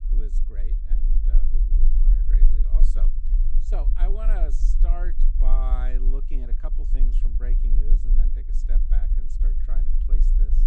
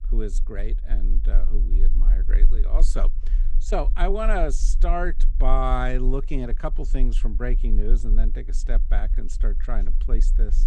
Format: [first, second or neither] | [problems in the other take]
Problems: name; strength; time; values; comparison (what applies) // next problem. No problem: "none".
second | low rumble; loud; throughout; 7 dB below the speech; faint in the second